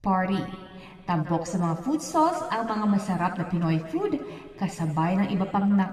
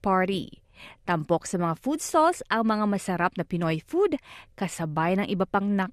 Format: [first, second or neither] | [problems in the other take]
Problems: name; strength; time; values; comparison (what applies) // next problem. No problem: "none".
second | room echo; slight; dies away in 1.7 s // off-mic speech; somewhat distant